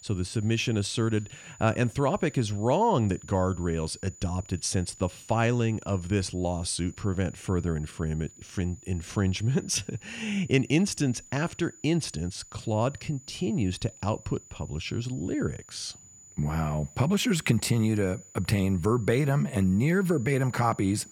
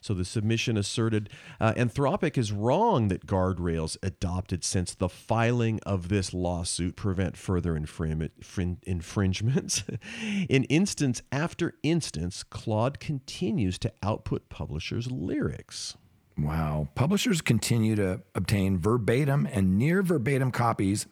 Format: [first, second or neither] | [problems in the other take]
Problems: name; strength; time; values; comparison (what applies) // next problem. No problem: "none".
second | high-pitched whine; faint; throughout; 7 kHz, 20 dB below the speech